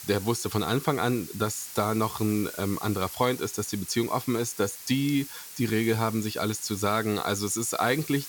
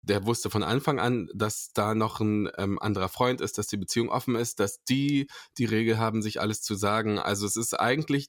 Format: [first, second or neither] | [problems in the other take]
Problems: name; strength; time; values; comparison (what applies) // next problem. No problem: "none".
second | hiss; noticeable; throughout; 10 dB below the speech